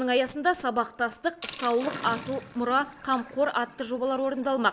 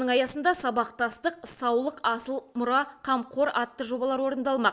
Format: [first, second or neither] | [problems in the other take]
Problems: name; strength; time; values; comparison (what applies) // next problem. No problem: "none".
second | background sound (Sink (filling or washing)); 16 dB below the speech